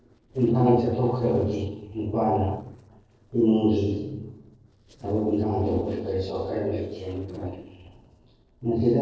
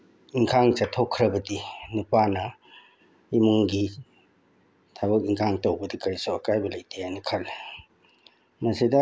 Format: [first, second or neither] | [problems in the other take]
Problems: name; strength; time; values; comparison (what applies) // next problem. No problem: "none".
second | noise reduction (neural separator model SepFormer DNS4)